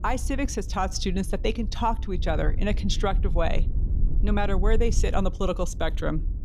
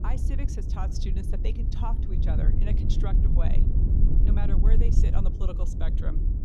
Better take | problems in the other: first | wind noise on the microphone; heavy; 1 dB below the speech; occasional gusts in the first

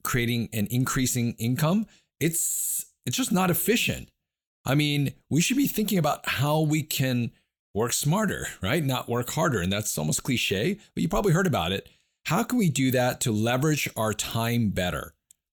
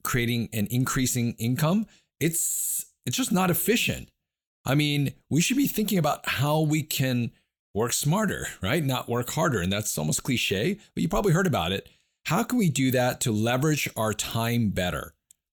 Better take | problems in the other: neither | none

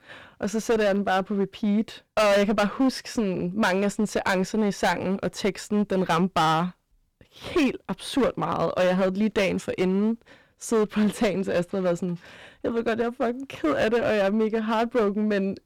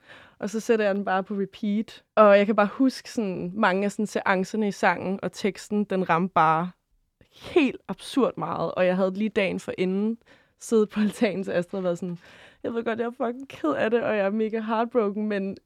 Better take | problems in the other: second | distortion; heavy; 12% of the sound clipped

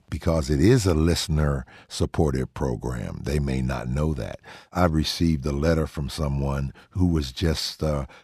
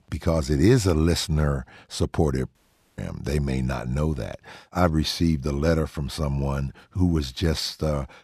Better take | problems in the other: first | audio cutting out; at 2.5 s

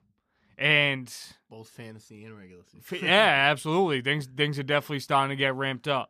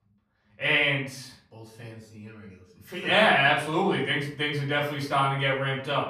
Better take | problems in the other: first | off-mic speech; far // room echo; slight; dies away in 0.4 s

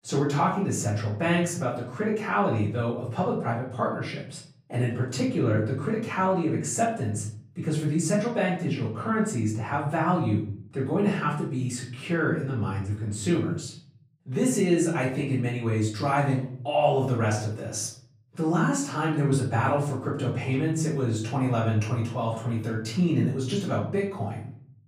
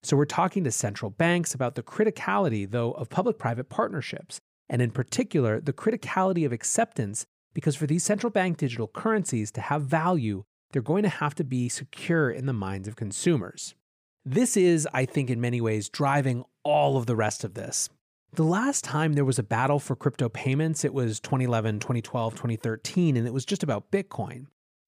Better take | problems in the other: second | off-mic speech; far // room echo; noticeable; dies away in 0.6 s

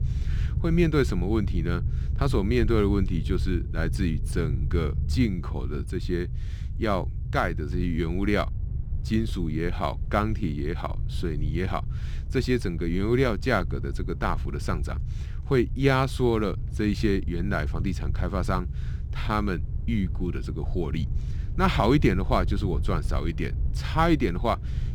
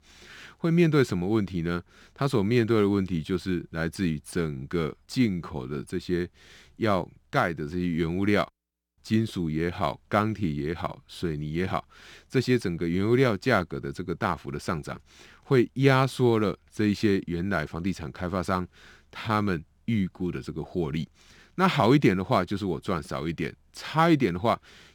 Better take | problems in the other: second | low rumble; noticeable; throughout; 15 dB below the speech

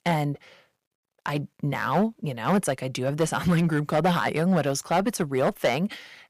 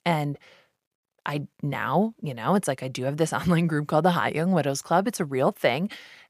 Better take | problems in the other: second | distortion; slight; 4% of the sound clipped

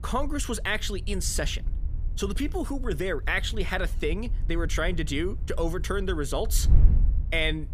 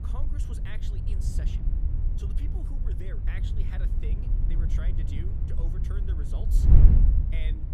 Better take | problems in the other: first | wind noise on the microphone; heavy; 3 dB above the speech; occasional gusts in the first

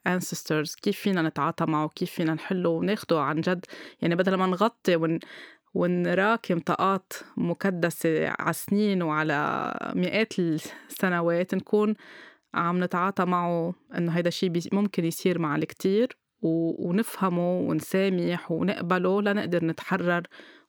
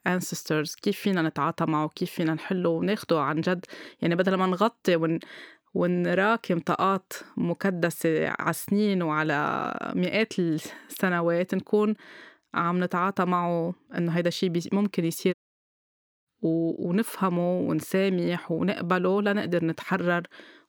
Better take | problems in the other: first | audio cutting out; at 15 s for 1 s

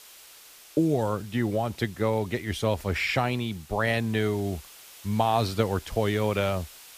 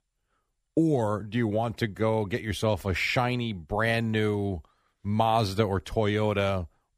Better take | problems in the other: second | hiss; faint; throughout; 20 dB below the speech

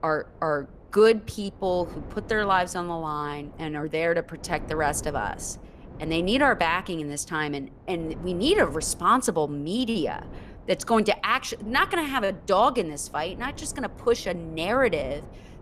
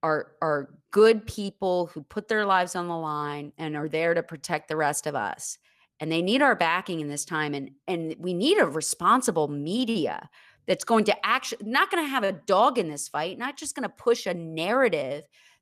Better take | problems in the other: second | wind noise on the microphone; occasional gusts; 25 dB below the speech

